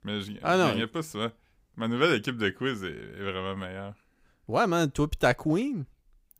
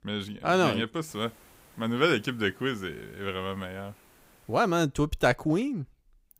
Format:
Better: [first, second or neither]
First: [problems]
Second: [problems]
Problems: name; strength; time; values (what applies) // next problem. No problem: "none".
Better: first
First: none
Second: hiss; faint; from 1 to 5 s; 30 dB below the speech